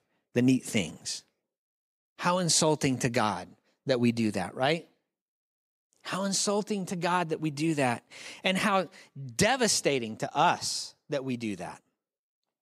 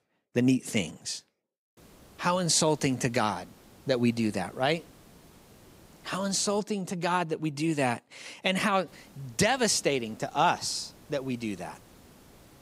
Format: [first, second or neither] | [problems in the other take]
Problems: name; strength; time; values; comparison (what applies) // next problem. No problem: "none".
first | hiss; faint; from 2 to 6.5 s and from 9 s on; 25 dB below the speech